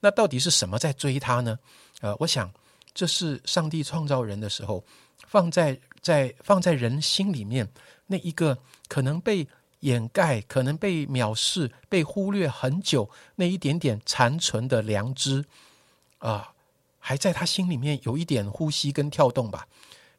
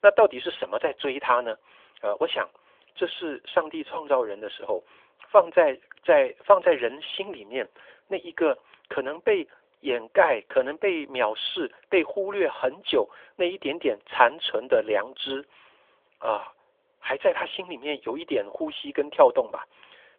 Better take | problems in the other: first | phone-call audio; nothing above 3.5 kHz

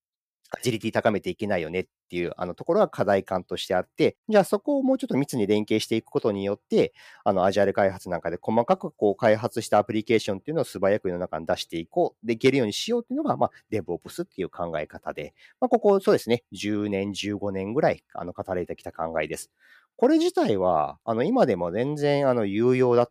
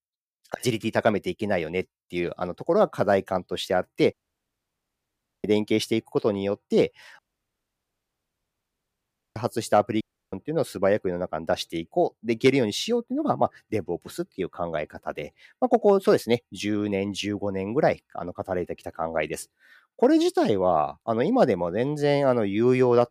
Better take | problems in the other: first | audio cutting out; at 4 s for 1.5 s, at 7 s for 2 s and at 10 s

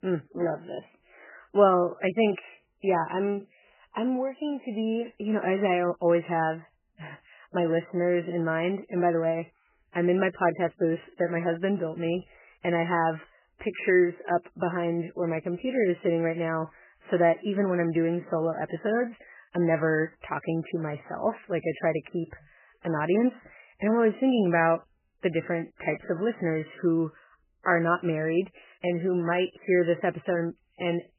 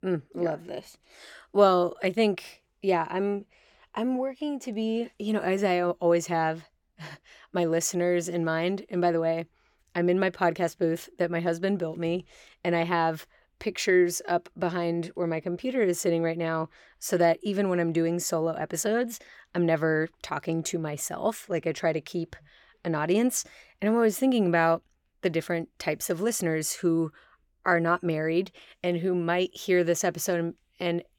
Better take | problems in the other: second | garbled, watery; badly; nothing above 3 kHz

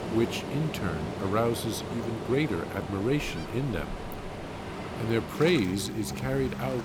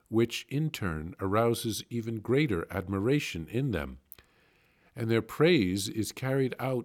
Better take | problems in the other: second | rain or running water; loud; throughout; 6 dB below the speech

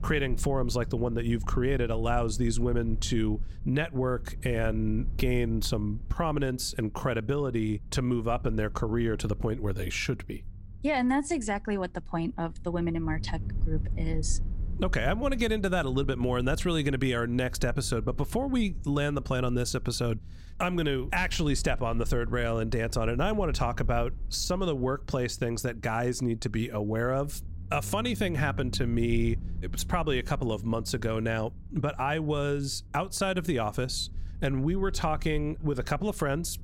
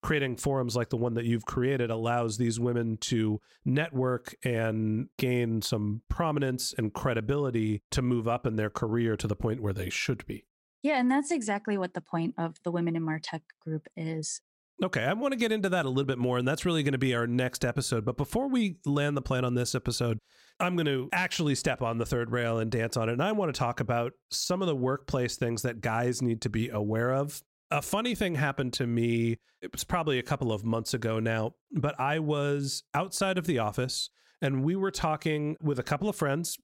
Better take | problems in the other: second | low rumble; faint; throughout; 25 dB below the speech

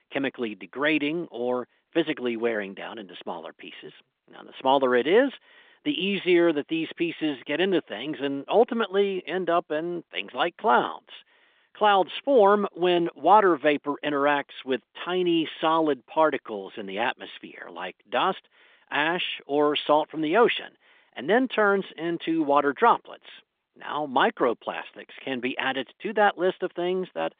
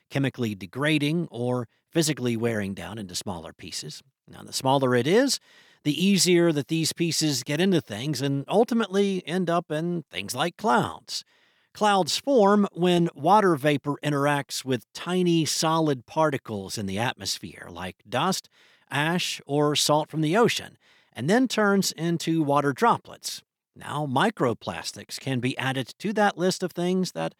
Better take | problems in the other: second | phone-call audio

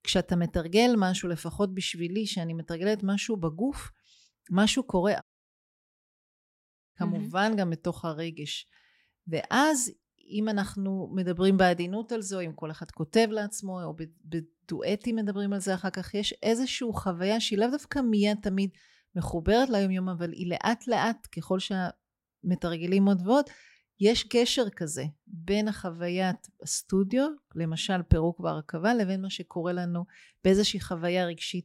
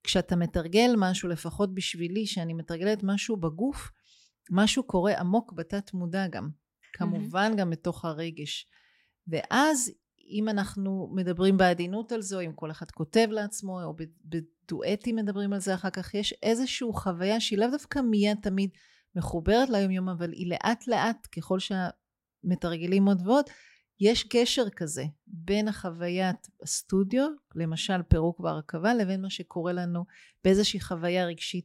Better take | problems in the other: second | audio cutting out; at 5 s for 1.5 s

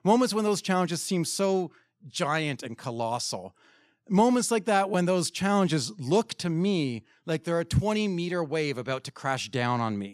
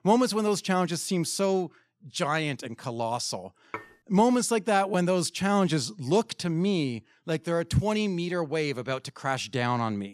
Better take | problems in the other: first | clattering dishes; faint; at 3.5 s; peak 15 dB below the speech

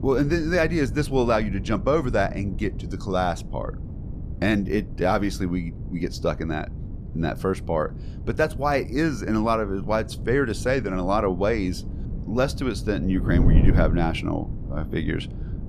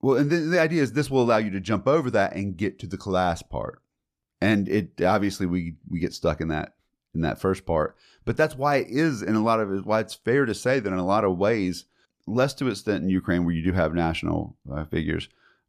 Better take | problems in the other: second | wind noise on the microphone; occasional gusts; 15 dB below the speech

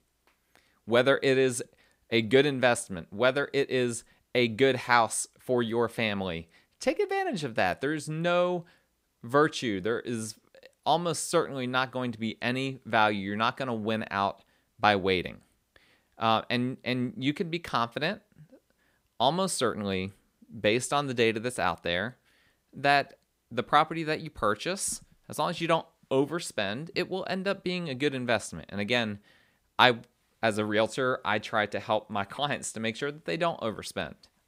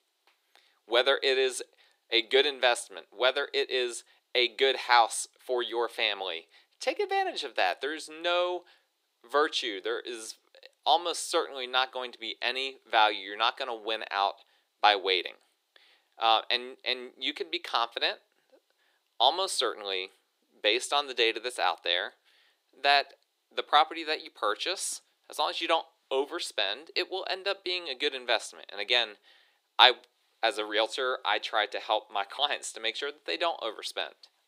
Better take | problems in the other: first | thin; very; fading below 350 Hz

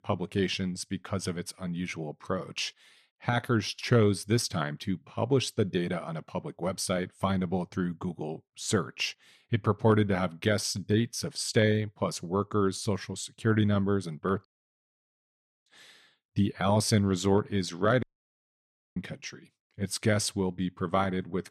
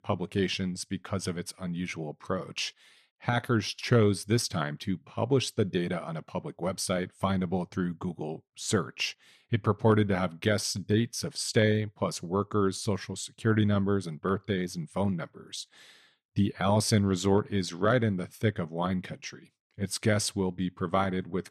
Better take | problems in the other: second | audio cutting out; at 14 s for 1 s and at 18 s for 1 s

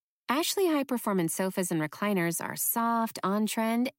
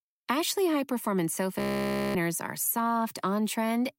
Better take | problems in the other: first | audio freezing; at 1.5 s for 0.5 s

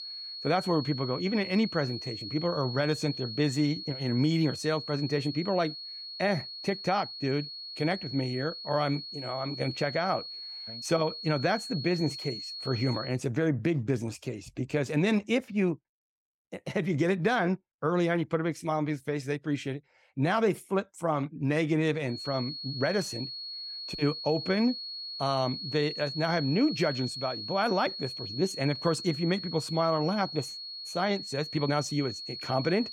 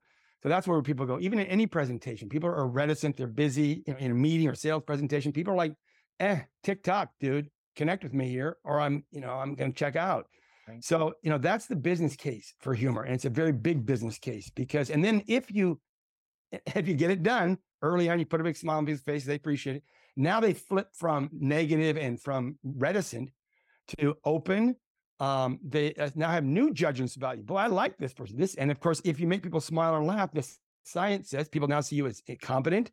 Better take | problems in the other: second | high-pitched whine; loud; until 13 s and from 22 s on; 4.5 kHz, 7 dB below the speech

